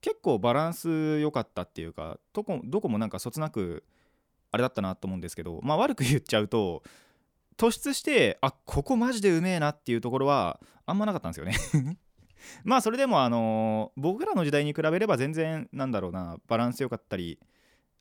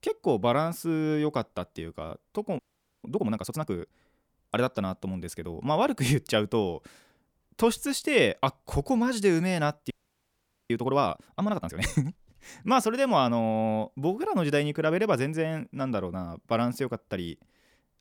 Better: first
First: none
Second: audio freezing; at 2.5 s and at 10 s for 1 s

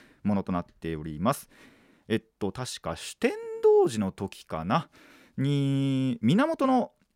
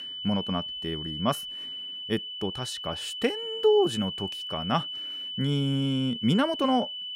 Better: first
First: none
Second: high-pitched whine; loud; throughout; 3 kHz, 5 dB below the speech

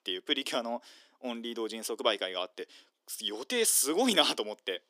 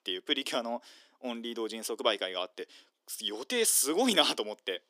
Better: neither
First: thin; somewhat; fading below 300 Hz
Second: thin; somewhat; fading below 300 Hz

